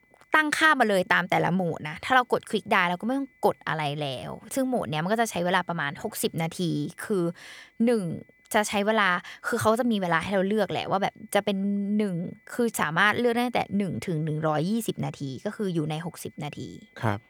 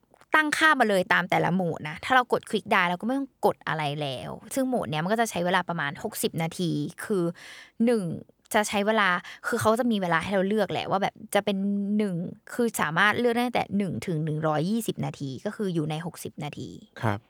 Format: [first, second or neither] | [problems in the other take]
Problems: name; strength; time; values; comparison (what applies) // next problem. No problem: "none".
second | high-pitched whine; faint; throughout; 2 kHz, 35 dB below the speech